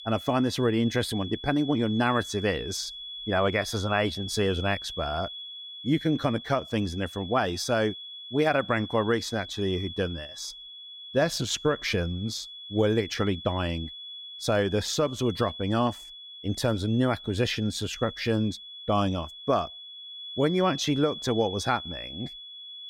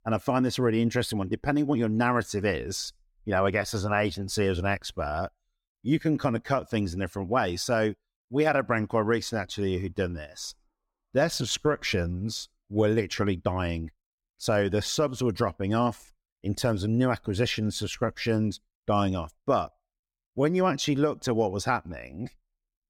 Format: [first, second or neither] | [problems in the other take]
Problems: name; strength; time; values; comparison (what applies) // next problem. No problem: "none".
second | high-pitched whine; noticeable; throughout; 3.5 kHz, 10 dB below the speech